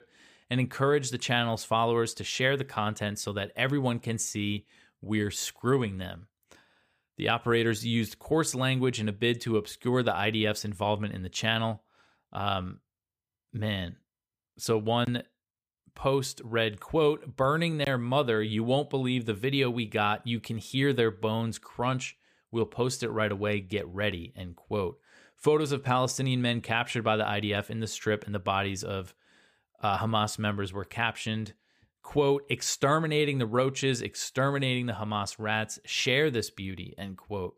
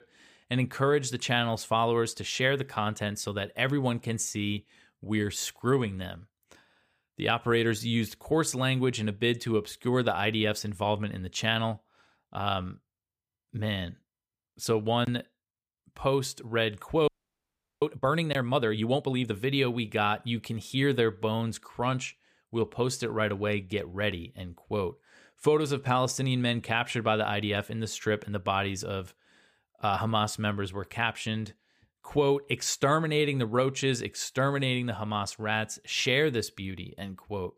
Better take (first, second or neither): first